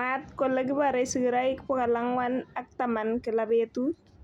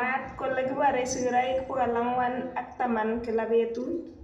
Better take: first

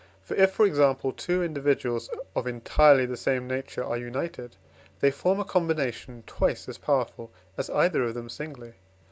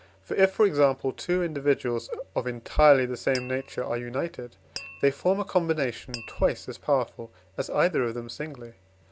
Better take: first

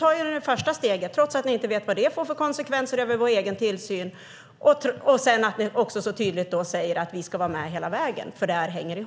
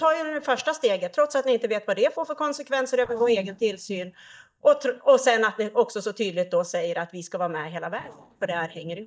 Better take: first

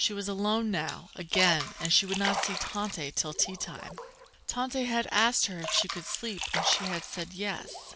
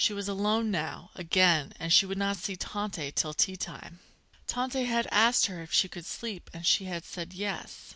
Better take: second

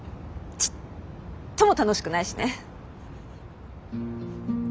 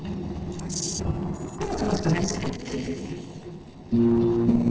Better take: first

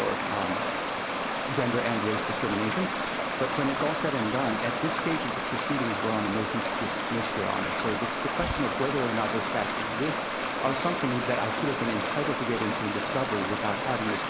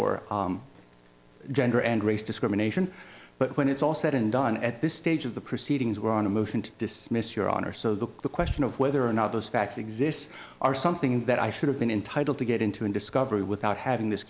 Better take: second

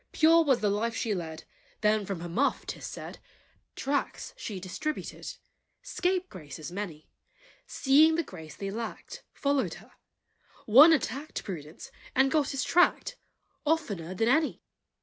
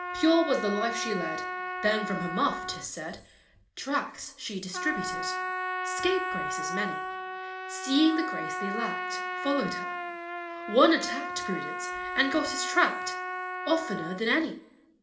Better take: first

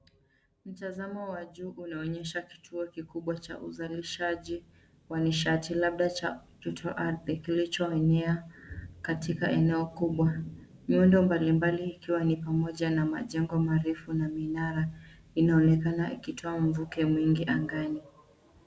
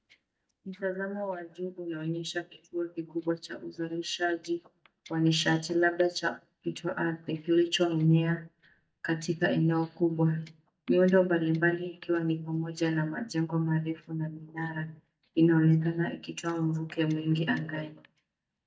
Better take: first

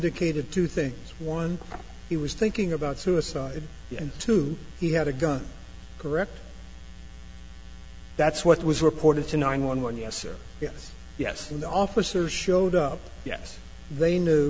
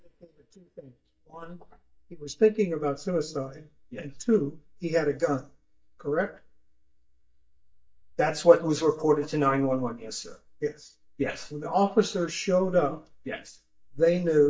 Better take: first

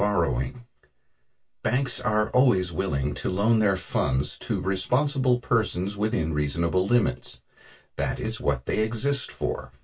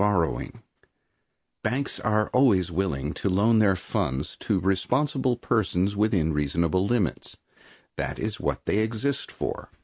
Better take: second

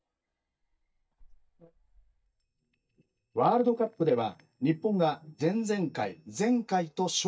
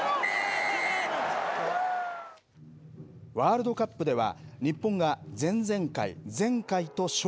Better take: second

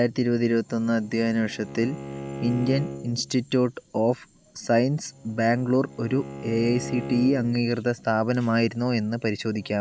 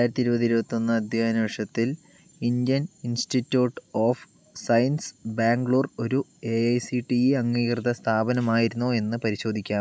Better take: second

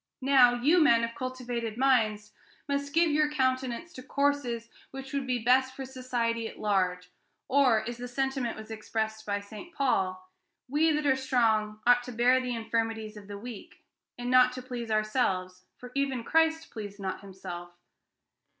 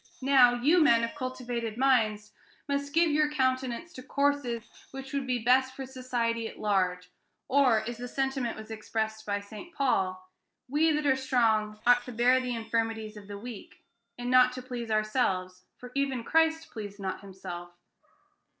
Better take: first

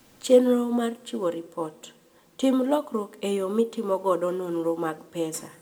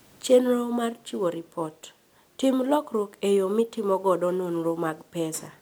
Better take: second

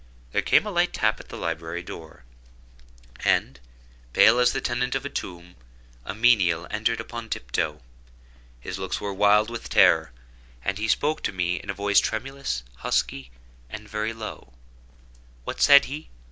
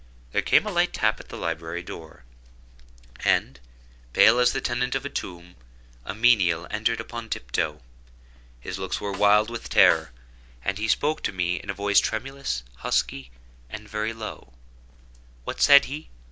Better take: first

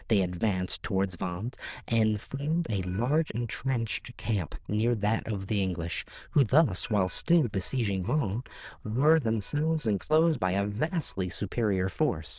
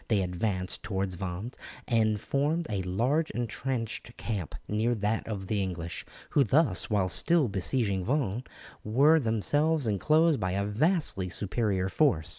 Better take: second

